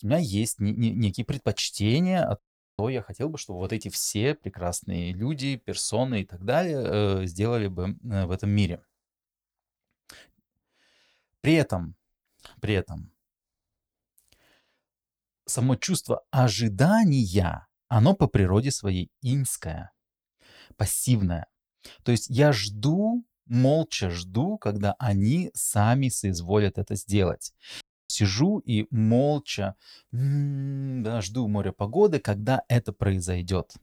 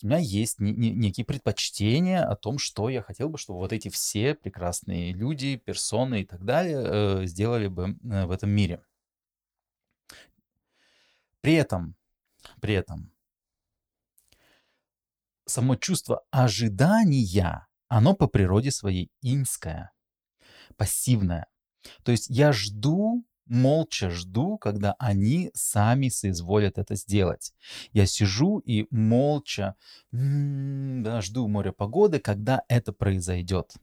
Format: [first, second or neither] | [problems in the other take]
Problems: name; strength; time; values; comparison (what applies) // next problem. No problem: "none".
second | audio cutting out; at 2.5 s and at 28 s